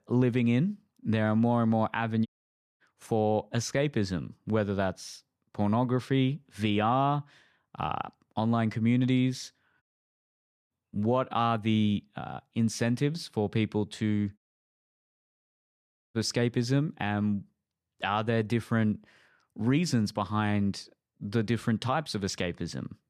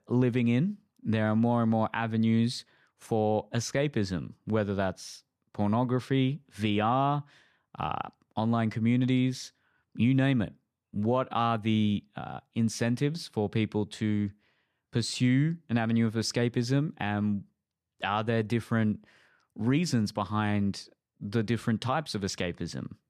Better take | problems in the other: second | audio cutting out; at 2.5 s for 0.5 s, at 10 s for 1 s and at 14 s for 2 s

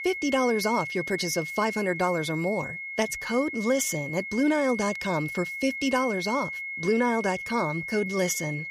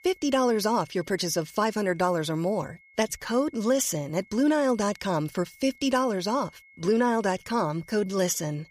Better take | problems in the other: second | high-pitched whine; loud; throughout; 2 kHz, 6 dB below the speech; faint in the second

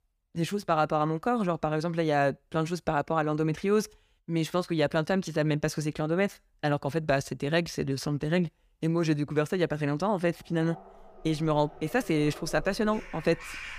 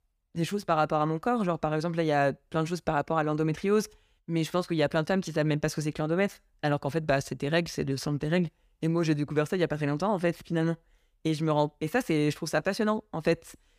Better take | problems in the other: second | animal sounds; noticeable; from 11 s on; 20 dB below the speech

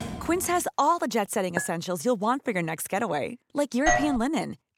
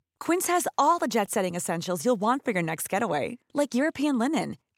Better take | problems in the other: second | door banging; noticeable; at the start; peak 10 dB below the speech // clattering dishes; noticeable; at 1.5 s; peak 6 dB below the speech // doorbell; loud; at 4 s; peak 3 dB above the speech

